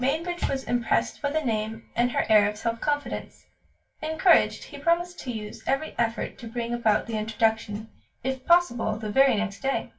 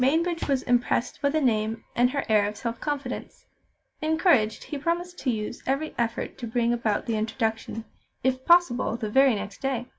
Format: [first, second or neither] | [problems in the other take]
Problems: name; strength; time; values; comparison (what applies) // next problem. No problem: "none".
second | room echo; dies away in 0.2 s